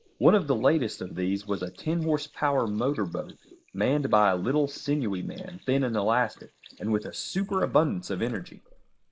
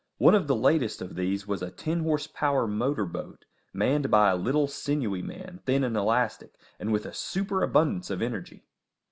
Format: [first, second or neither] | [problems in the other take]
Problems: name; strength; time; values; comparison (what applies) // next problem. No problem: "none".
second | noise reduction (neural mask model Resemble Enhance denoiser)